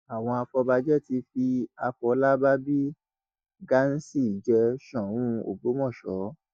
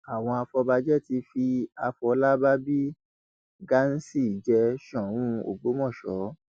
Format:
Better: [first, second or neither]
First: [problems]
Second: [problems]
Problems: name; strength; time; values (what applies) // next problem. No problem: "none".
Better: second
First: noise reduction (neural mask model DeepFilterNet 3)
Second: none